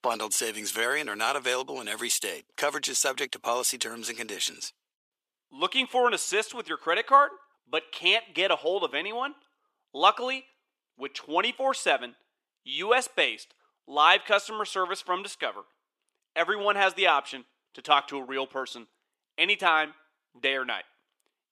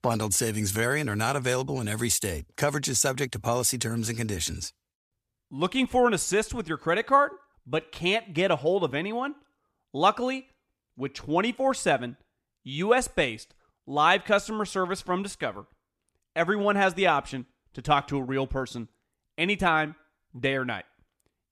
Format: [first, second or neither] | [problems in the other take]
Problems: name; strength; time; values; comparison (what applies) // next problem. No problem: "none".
second | thin; somewhat; fading below 350 Hz